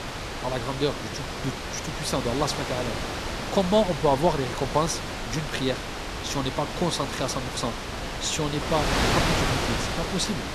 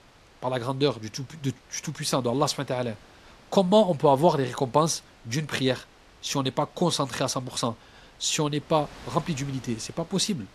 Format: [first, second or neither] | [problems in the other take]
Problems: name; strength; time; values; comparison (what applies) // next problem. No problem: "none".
second | wind noise on the microphone; heavy; 1 dB below the speech; occasional gusts in the second